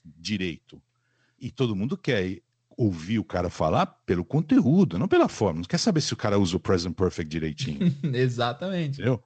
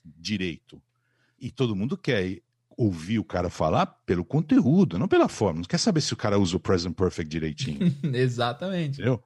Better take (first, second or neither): second